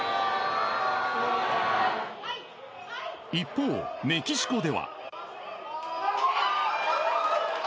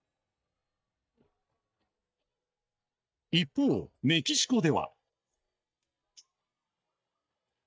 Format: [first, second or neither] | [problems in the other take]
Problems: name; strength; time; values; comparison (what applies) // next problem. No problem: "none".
first | noise reduction (neural mask model DeepFilterNet 3)